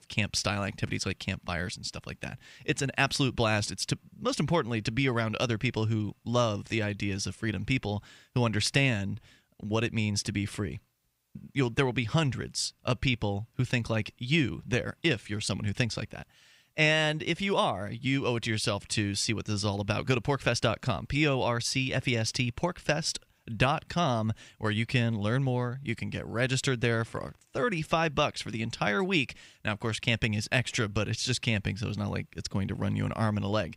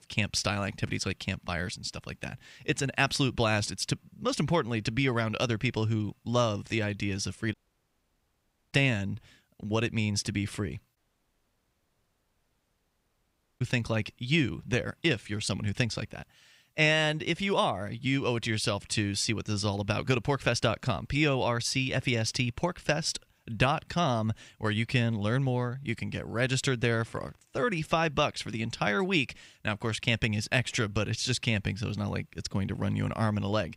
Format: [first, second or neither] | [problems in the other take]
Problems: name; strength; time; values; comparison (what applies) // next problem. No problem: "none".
first | audio cutting out; at 7.5 s for 1 s and at 11 s for 2.5 s